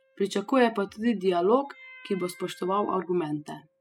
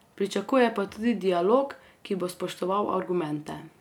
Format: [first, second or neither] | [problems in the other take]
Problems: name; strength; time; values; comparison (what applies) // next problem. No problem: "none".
second | noise reduction (classical method spectral subtraction)